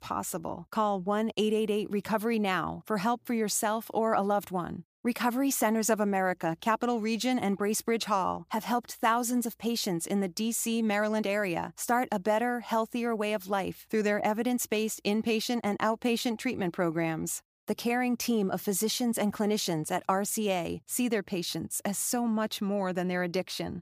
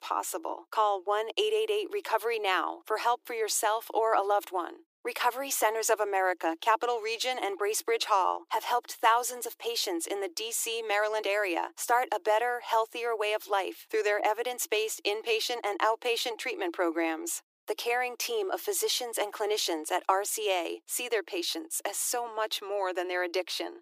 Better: first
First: none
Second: thin; very; fading below 300 Hz

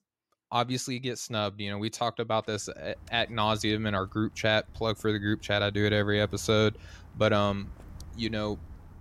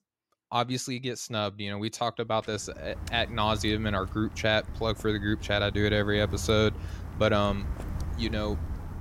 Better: first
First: machinery noise; faint; from 2.5 s on; 20 dB below the speech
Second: machinery noise; loud; from 2.5 s on; 10 dB below the speech

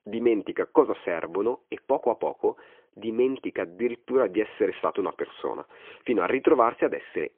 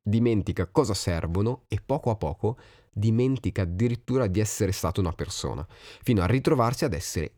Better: second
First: phone-call audio; poor line; nothing above 3.5 kHz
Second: none

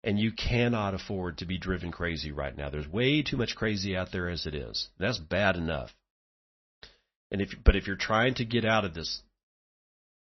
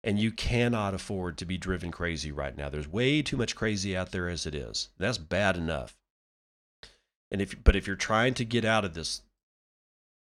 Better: second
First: garbled, watery; slightly; nothing above 6 kHz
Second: none

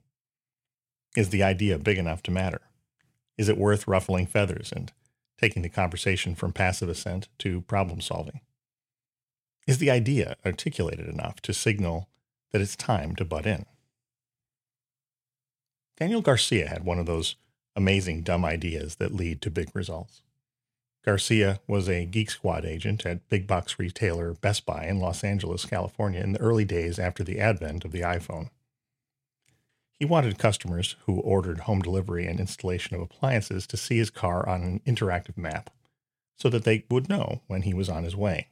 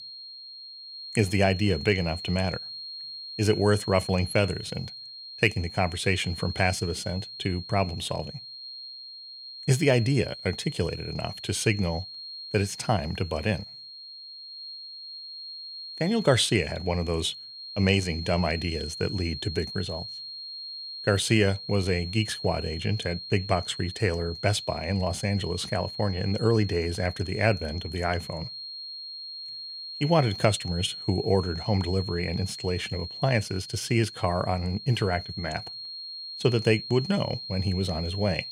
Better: first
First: none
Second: high-pitched whine; noticeable; throughout; 4.5 kHz, 10 dB below the speech

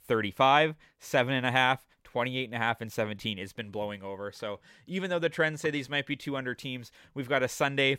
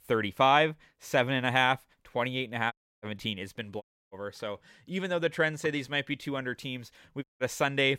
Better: first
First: none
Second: audio cutting out; at 2.5 s, at 4 s and at 7 s

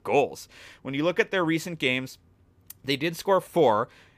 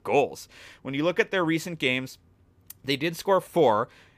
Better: neither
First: none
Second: none

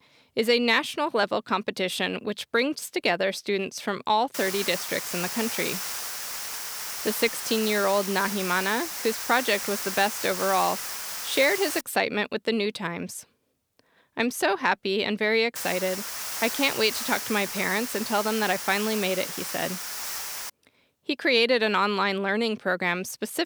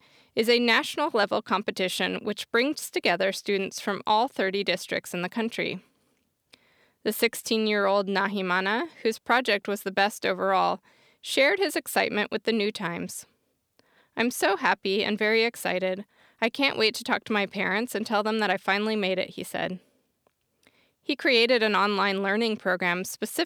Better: second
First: hiss; loud; from 4.5 to 12 s and from 16 to 21 s; 5 dB below the speech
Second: none

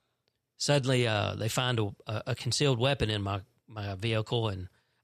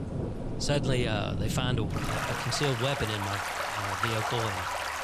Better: first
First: none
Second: rain or running water; loud; throughout; as loud as the speech

